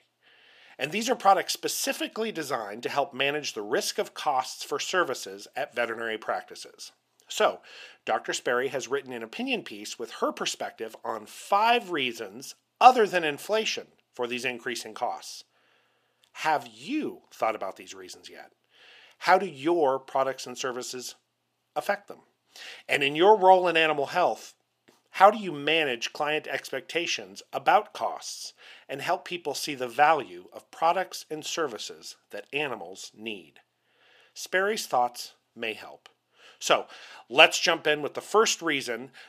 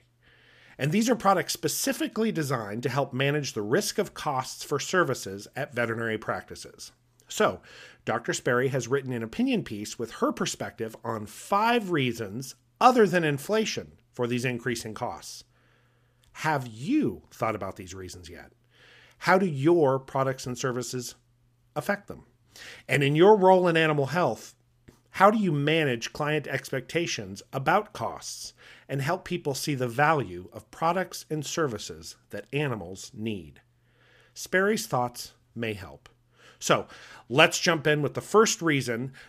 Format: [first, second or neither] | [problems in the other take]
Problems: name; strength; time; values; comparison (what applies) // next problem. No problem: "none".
second | thin; somewhat; fading below 350 Hz